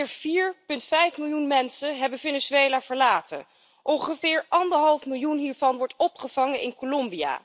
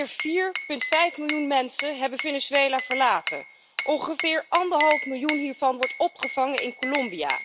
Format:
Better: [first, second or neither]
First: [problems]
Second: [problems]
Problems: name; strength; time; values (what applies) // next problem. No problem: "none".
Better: first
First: none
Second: background sound (Glass); 7 dB below the speech